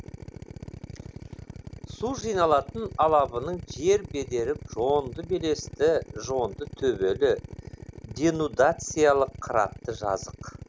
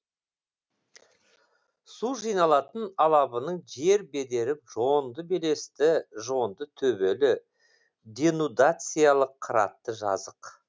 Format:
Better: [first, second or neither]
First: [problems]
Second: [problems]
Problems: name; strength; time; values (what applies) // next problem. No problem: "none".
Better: second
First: background sound (Drill); 14 dB below the speech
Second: none